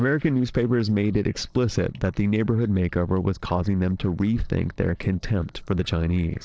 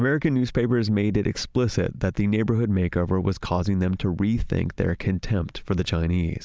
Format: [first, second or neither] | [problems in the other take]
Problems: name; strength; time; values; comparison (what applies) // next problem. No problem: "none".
second | noise reduction (neural separator model SepFormer DNS4)